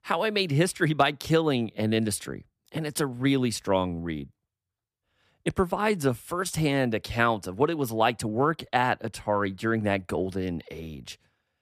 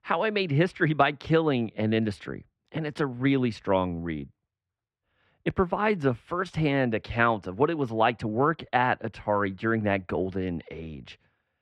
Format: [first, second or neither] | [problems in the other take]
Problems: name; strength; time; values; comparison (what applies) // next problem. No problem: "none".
first | muffled; slightly; fading above 2.5 kHz